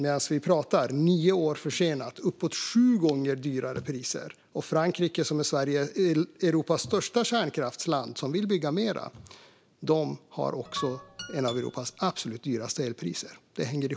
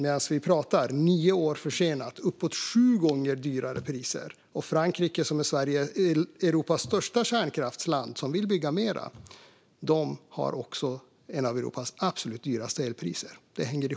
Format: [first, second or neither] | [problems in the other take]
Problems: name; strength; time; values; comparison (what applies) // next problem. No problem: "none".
second | background sound (Guitar); 15 dB below the speech